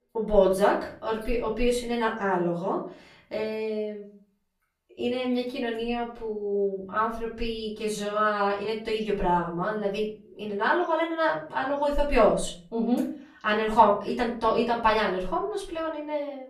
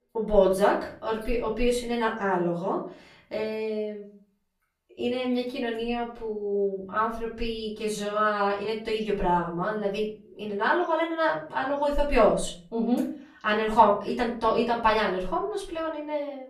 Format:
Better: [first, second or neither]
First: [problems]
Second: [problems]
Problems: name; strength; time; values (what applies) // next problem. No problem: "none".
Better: neither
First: off-mic speech; far // room echo; slight; dies away in 0.4 s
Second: off-mic speech; far // room echo; slight; dies away in 0.4 s